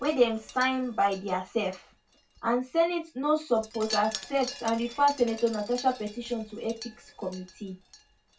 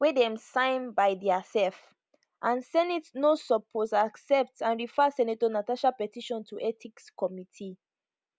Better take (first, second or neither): second